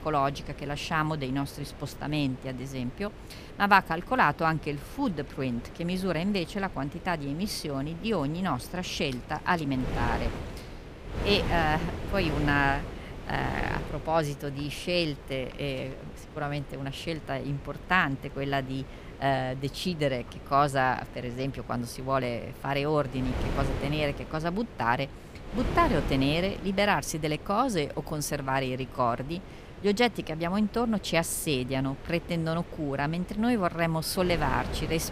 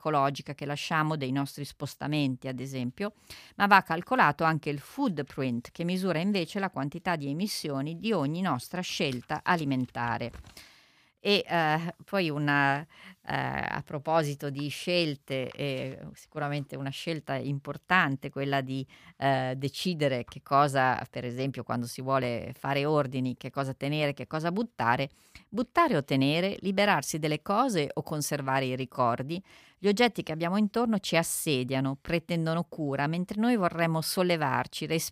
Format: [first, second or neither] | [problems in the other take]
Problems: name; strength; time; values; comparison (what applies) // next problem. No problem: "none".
second | wind noise on the microphone; occasional gusts; 15 dB below the speech